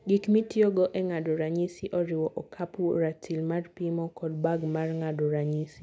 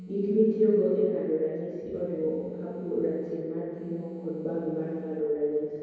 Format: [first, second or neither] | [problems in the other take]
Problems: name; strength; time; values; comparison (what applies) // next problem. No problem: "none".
first | background sound (Telephone); 15 dB below the speech // room echo; dies away in 2.2 s